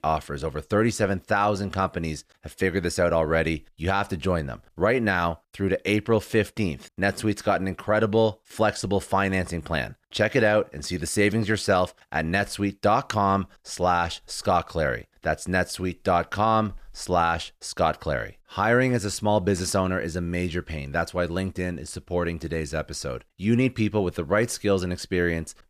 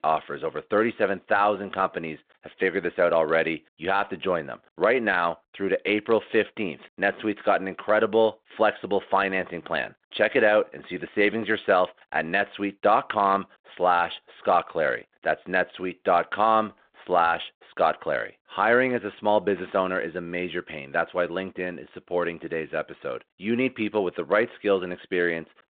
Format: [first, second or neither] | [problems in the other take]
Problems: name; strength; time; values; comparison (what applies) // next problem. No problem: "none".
first | phone-call audio; nothing above 4 kHz